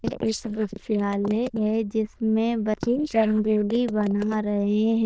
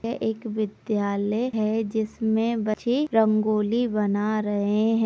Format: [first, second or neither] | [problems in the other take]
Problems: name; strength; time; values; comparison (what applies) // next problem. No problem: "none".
second | noise reduction (neural diffusion model UNIVERSE++)